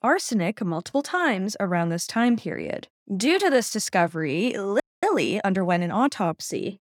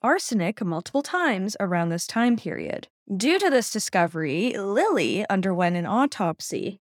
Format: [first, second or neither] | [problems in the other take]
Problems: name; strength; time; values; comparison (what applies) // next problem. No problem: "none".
second | audio freezing; at 5 s